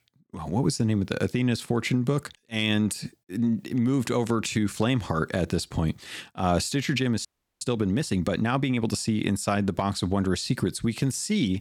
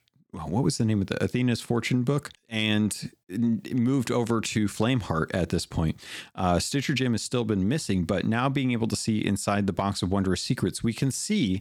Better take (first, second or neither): second